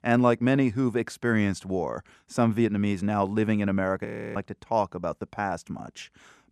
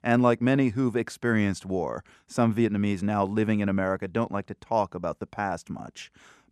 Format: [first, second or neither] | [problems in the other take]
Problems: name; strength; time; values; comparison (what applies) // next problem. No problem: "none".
second | audio freezing; at 4 s